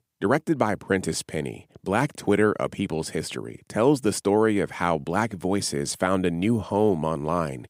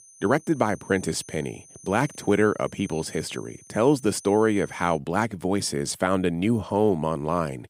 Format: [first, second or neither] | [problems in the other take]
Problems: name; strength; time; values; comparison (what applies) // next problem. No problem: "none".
first | high-pitched whine; faint; until 5 s; 6 kHz, 20 dB below the speech